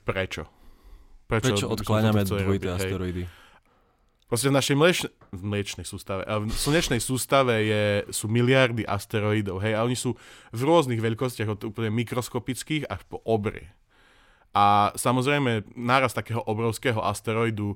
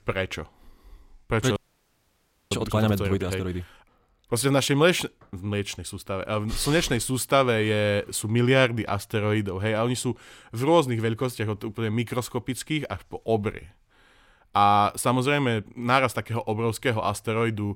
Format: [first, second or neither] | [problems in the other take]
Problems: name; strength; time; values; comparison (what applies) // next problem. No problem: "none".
first | audio freezing; at 1.5 s for 1 s